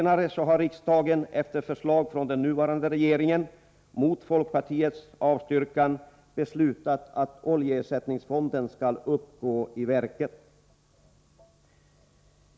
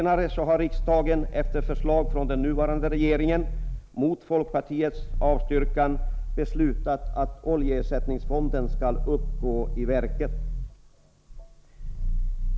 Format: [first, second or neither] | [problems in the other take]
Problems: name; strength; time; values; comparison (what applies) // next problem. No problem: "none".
first | background sound (Growling); 1 dB below the speech